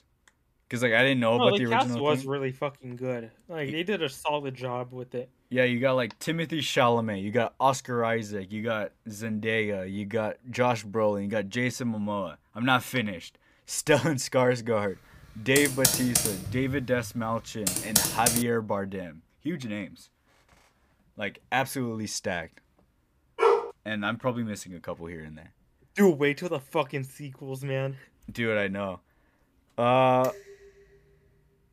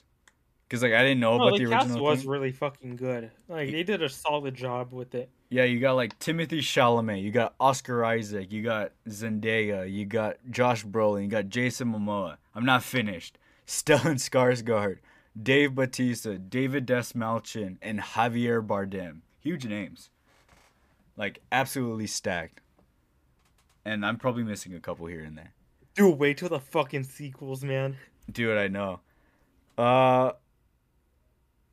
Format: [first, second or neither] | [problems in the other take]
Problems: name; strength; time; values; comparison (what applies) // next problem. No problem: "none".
second | keyboard typing; loud; from 16 to 18 s; peak 5 dB above the speech // dog barking; loud; at 23 s; peak 4 dB above the speech // clattering dishes; faint; at 30 s; peak 15 dB below the speech